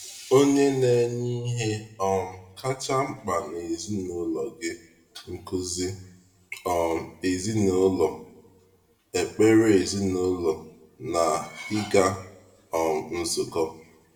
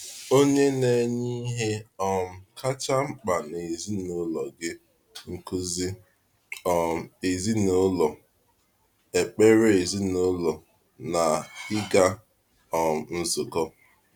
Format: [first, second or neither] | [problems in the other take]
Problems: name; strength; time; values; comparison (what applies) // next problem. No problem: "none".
second | room echo; dies away in 0.6 s